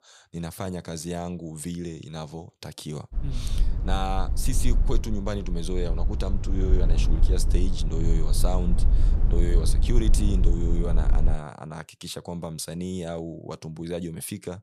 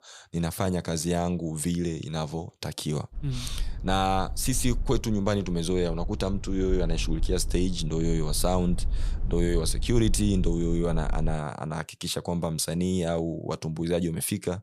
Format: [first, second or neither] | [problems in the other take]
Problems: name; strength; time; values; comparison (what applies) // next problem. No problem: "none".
second | low rumble; loud; from 3 to 11 s; 8 dB below the speech; faint in the second